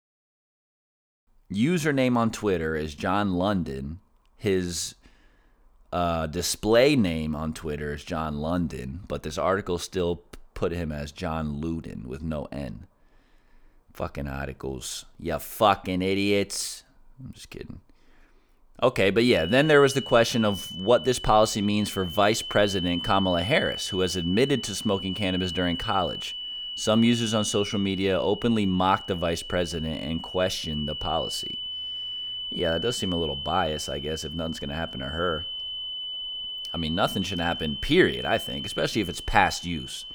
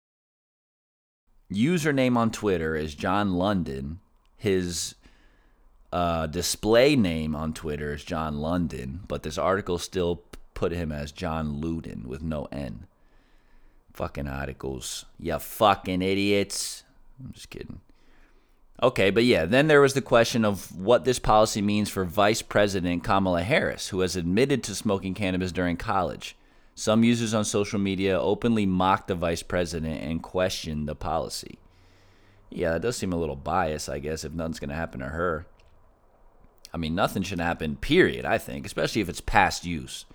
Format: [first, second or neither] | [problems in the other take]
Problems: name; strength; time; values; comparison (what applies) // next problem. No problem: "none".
second | high-pitched whine; loud; from 19 s on; 3 kHz, 7 dB below the speech